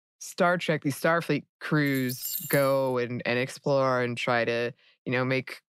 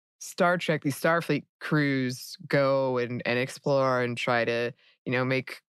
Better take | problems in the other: second | jangling keys; noticeable; at 2 s; peak 4 dB below the speech

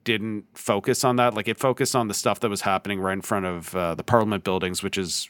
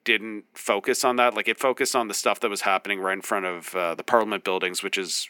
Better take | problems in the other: first | thin; somewhat; fading below 300 Hz

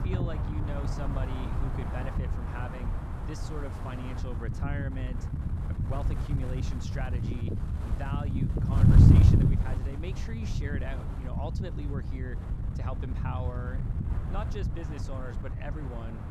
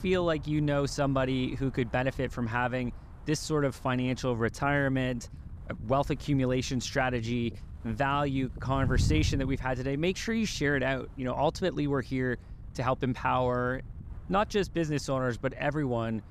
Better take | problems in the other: second | wind noise on the microphone; heavy; 2 dB above the speech; occasional gusts in the second

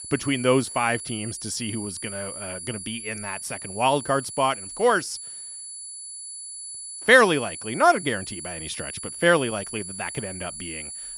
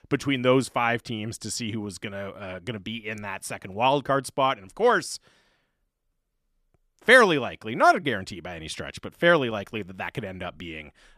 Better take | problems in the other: second | high-pitched whine; noticeable; throughout; 10 kHz, 10 dB below the speech

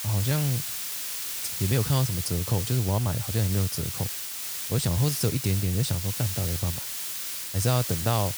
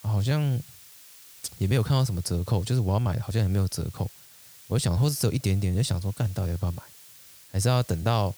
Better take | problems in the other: second | hiss; loud; throughout; 3 dB below the speech; faint in the second

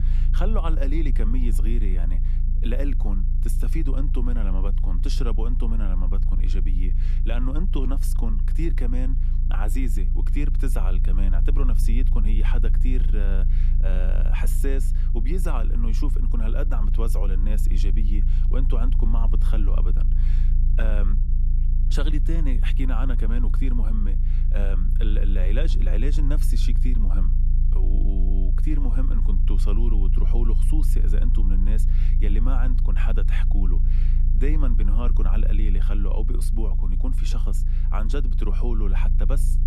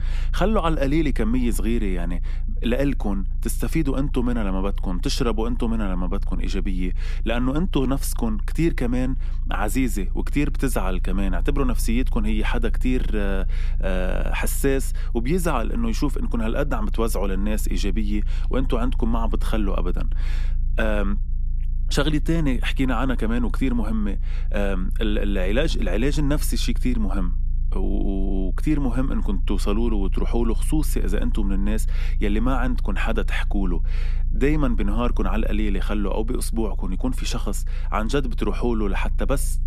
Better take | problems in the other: second | low rumble; loud; throughout; 8 dB below the speech; faint in the second

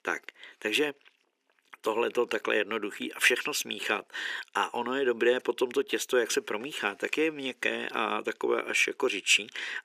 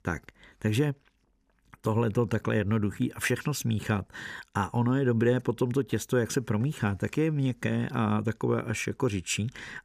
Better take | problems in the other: second | thin; very; fading below 350 Hz

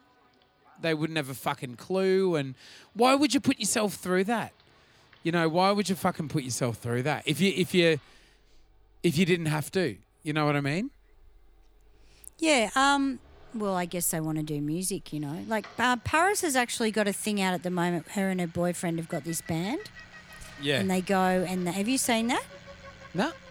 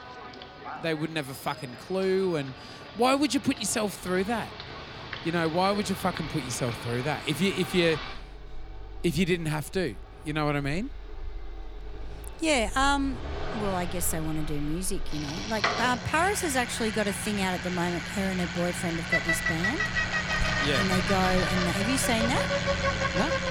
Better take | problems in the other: first | traffic noise; loud; throughout; 3 dB below the speech; faint in the first

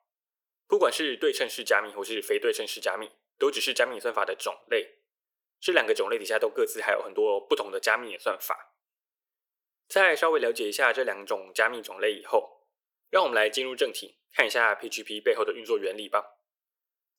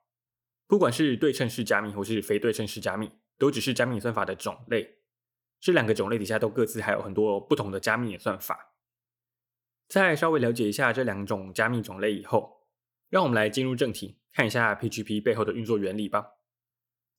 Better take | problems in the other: second | thin; very; fading below 450 Hz

